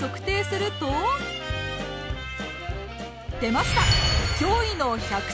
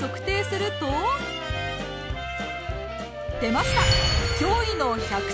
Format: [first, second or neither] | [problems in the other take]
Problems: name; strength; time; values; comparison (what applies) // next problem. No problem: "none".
first | background sound (Wind instrument, woodwind instrument); 9 dB below the speech